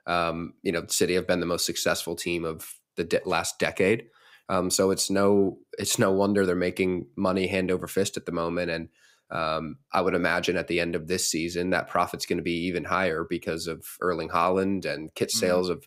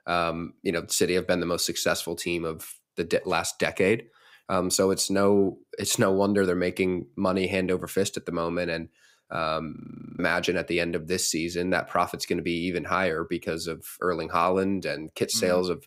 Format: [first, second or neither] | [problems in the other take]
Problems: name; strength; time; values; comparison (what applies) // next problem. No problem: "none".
first | audio freezing; at 10 s